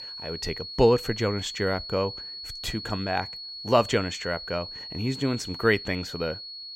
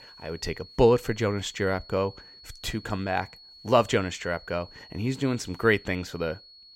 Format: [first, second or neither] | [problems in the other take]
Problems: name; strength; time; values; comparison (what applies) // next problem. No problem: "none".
second | high-pitched whine; loud; throughout; 4.5 kHz, 9 dB below the speech; faint in the second